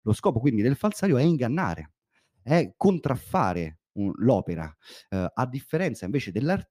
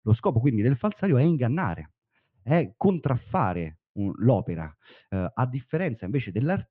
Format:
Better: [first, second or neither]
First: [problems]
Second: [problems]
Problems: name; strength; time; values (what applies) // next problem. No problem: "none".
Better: first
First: none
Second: muffled; very; fading above 3 kHz